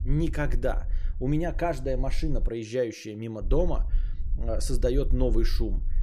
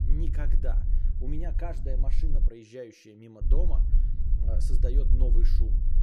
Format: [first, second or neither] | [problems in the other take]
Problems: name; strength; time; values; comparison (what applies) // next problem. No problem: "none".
first | low rumble; loud; until 2.5 s and from 3.5 s on; 7 dB below the speech; faint in the first